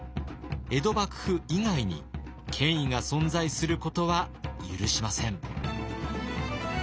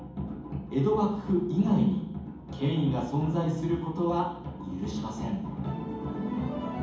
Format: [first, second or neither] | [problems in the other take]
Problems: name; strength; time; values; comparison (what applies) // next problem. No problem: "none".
first | room echo; dies away in 1.2 s